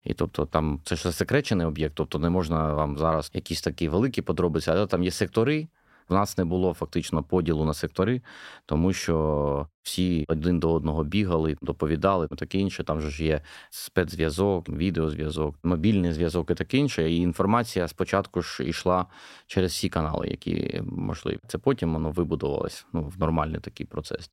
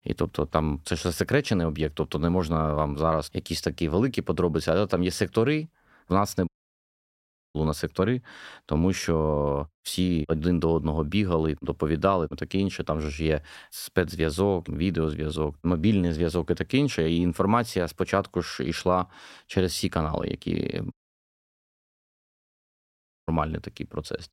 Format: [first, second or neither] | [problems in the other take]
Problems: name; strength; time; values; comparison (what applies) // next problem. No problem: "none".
first | audio cutting out; at 6.5 s for 1 s and at 21 s for 2.5 s